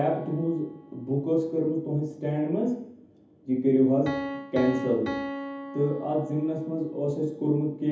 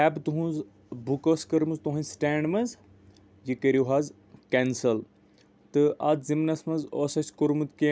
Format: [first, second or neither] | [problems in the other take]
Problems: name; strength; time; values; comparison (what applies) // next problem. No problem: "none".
second | background sound (Piano); 12 dB below the speech // room echo; dies away in 0.7 s